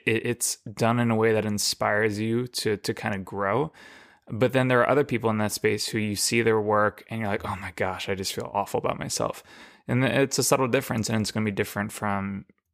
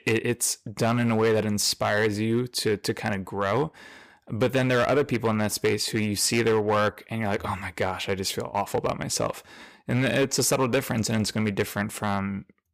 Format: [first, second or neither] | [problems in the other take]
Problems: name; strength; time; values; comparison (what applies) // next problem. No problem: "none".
first | distortion; slight; 5% of the sound clipped